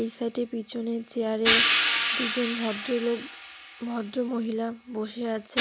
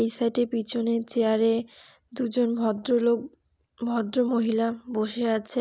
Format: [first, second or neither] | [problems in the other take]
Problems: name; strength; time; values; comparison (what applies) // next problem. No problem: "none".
second | background sound (Hi-hat); as loud as the speech